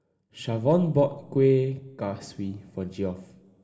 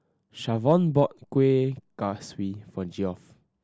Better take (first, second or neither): second